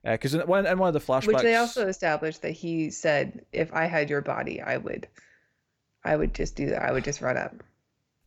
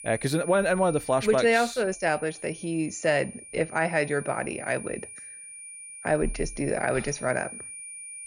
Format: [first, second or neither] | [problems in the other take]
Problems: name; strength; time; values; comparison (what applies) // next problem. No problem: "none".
first | high-pitched whine; noticeable; throughout; 9.5 kHz, 15 dB below the speech